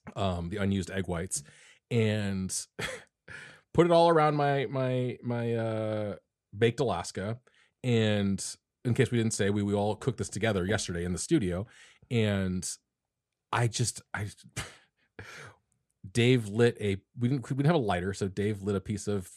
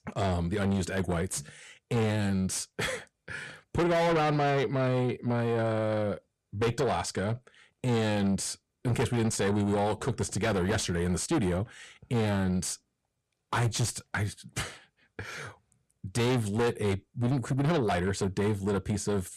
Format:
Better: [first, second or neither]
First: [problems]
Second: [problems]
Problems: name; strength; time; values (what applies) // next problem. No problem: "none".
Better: first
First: none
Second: distortion; heavy; 6 dB below the speech